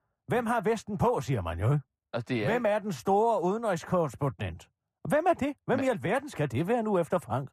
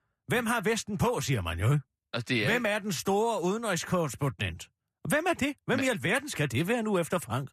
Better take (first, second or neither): second